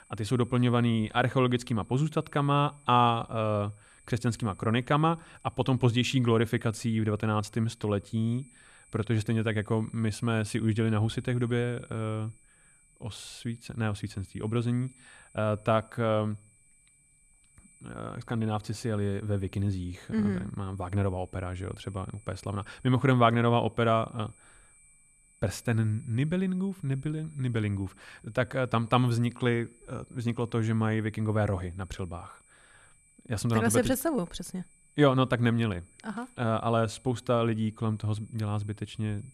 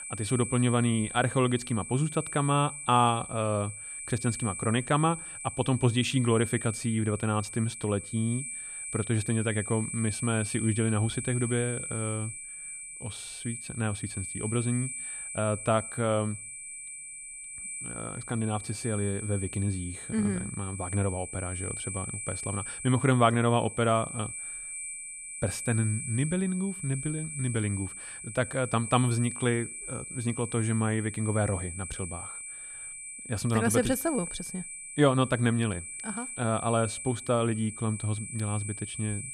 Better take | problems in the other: first | high-pitched whine; loud; throughout; 8 kHz, 7 dB below the speech; faint in the first

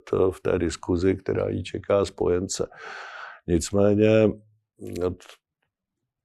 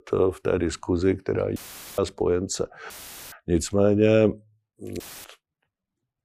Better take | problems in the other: first | audio cutting out; filled with static; at 1.5 s, at 3 s and at 5 s

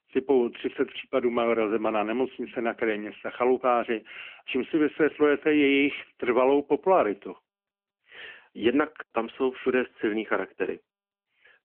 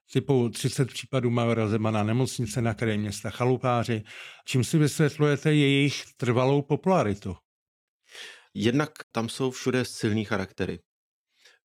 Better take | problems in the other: second | phone-call audio; nothing above 3 kHz

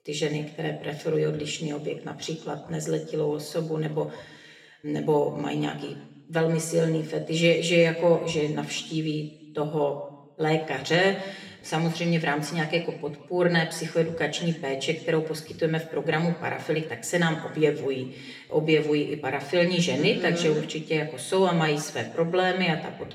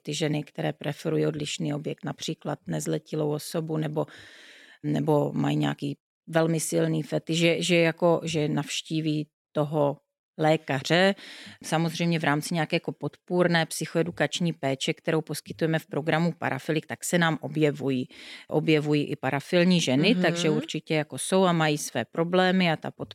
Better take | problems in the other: second | room echo; slight; dies away in 0.9 s

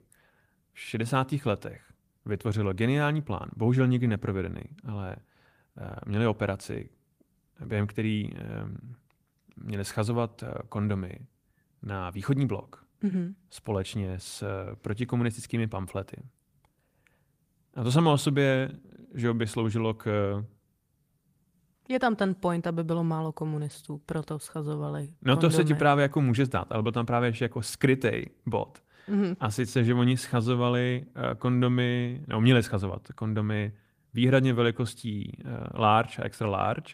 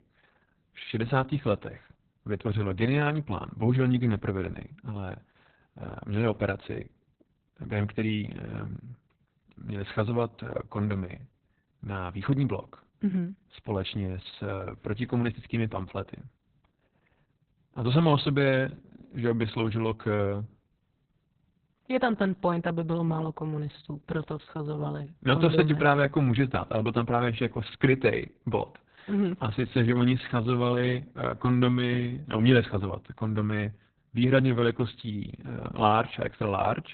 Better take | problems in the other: first | garbled, watery; badly; nothing above 4 kHz; slightly in the first

